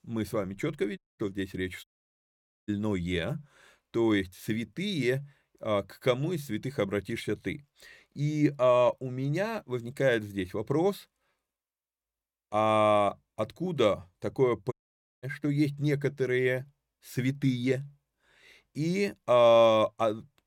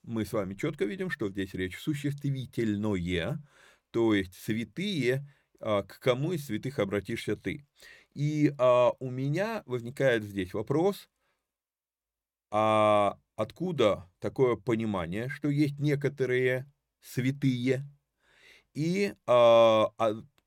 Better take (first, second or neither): second